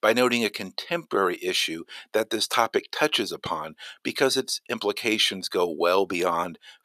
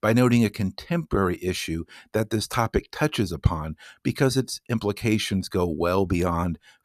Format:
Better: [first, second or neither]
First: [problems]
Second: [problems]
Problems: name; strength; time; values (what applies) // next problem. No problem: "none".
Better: second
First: thin; somewhat; fading below 450 Hz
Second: none